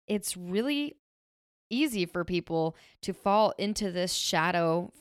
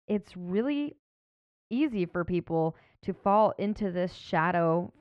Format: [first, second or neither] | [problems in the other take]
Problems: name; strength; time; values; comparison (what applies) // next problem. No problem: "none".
first | muffled; very; fading above 1.5 kHz